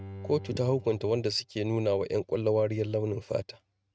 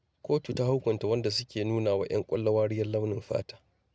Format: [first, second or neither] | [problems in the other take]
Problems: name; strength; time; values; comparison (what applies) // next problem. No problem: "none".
second | noise reduction (neural mask model RNNoise)